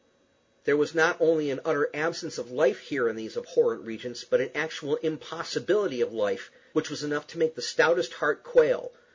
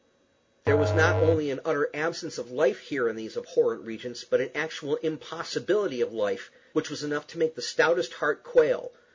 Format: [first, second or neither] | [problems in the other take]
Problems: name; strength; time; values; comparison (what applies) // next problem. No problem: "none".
first | background sound (Musical instrument); 3 dB below the speech